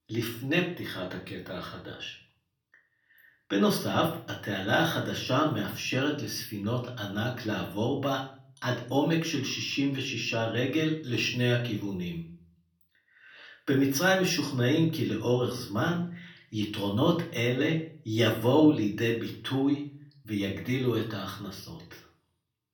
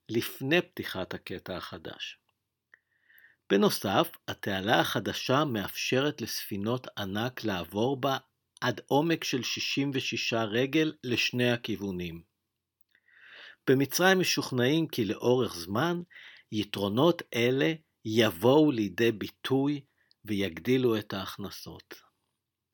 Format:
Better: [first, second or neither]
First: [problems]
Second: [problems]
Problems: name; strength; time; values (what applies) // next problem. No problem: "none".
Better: second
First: off-mic speech; far // room echo; slight; dies away in 0.5 s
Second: none